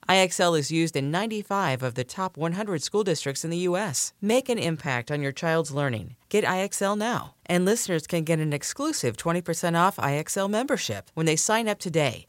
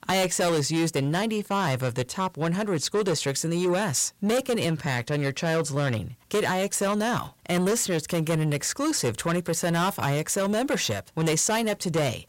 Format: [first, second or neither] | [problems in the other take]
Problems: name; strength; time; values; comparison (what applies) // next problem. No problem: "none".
first | distortion; heavy; 8 dB below the speech